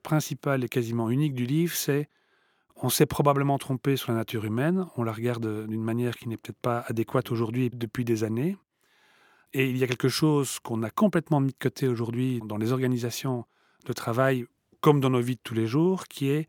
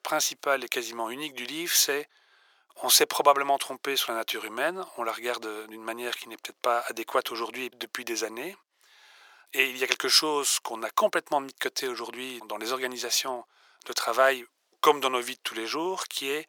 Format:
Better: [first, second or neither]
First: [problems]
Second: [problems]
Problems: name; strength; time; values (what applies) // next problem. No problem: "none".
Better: first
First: none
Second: thin; very; fading below 550 Hz